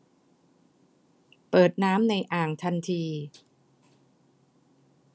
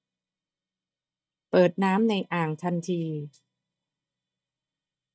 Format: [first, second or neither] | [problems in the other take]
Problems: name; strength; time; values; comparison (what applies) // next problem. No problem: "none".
first | noise reduction (neural mask model DeepFilterNet 3)